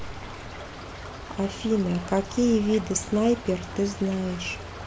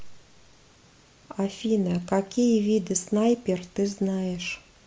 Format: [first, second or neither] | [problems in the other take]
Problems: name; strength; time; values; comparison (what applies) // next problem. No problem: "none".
second | background sound (Stream / Trickle, dribble); 11 dB below the speech